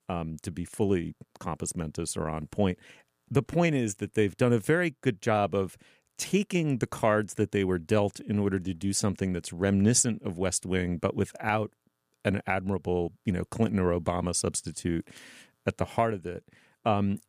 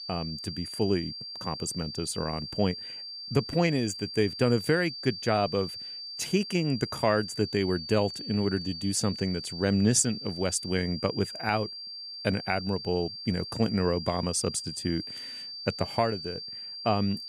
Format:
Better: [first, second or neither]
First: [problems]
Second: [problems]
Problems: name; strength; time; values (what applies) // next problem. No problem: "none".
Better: first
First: none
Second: high-pitched whine; loud; throughout; 4.5 kHz, 8 dB below the speech